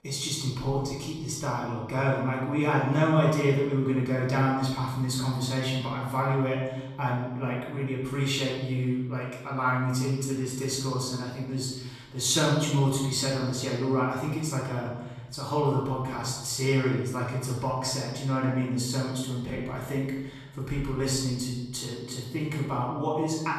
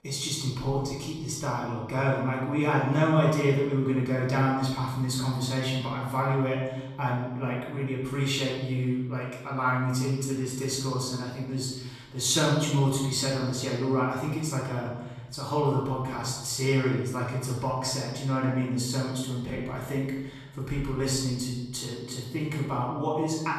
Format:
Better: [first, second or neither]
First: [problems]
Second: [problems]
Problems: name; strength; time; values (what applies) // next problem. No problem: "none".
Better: neither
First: off-mic speech; far // room echo; noticeable; dies away in 1.2 s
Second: off-mic speech; far // room echo; noticeable; dies away in 1.2 s